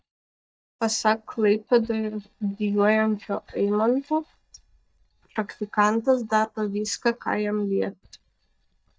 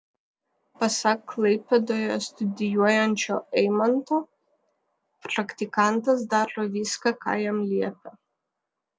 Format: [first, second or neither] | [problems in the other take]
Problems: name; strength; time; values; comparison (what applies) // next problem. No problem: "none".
second | noise reduction (neural mask model DeepFilterNet 3)